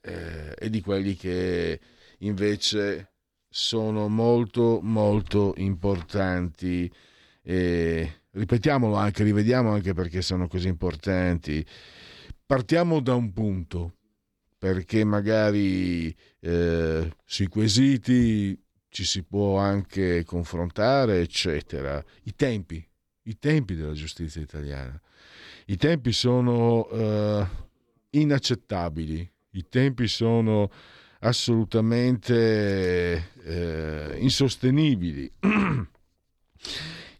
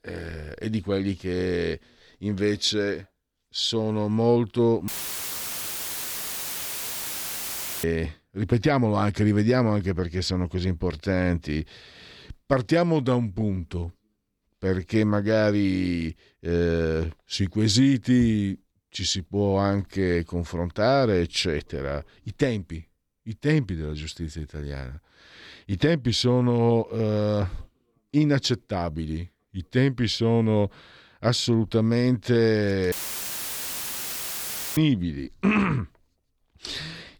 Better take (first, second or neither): first